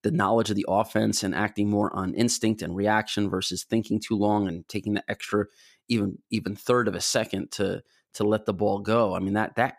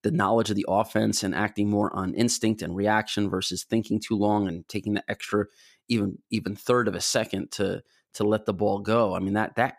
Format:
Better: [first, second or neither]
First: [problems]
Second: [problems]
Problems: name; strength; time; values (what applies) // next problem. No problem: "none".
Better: neither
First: none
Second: none